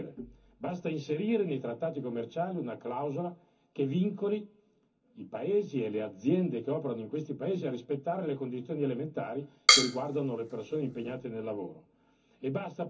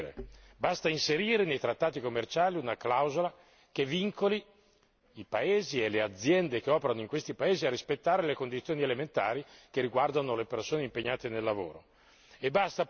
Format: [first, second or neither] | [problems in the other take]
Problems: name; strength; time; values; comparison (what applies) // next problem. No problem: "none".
second | background sound (Drum kit); 5 dB above the speech // room echo; dies away in 0.3 s